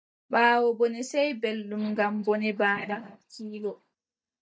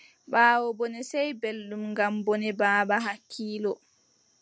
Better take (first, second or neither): second